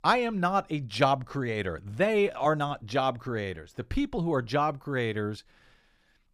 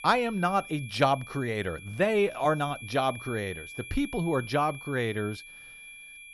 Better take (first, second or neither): first